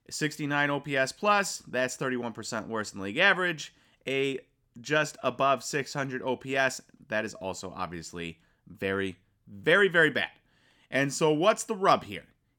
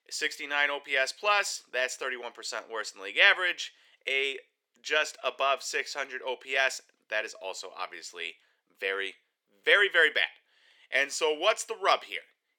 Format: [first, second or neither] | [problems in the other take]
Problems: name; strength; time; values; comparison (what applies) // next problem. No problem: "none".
first | thin; very; fading below 450 Hz